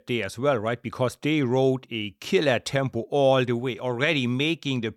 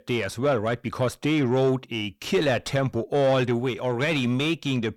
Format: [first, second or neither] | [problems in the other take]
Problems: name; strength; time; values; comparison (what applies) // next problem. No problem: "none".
first | distortion; slight; 10 dB below the speech